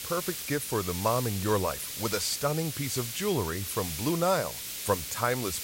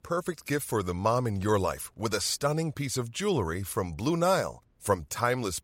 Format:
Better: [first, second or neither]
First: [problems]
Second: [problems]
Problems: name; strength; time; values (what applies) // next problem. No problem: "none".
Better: second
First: hiss; loud; throughout; 5 dB below the speech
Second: none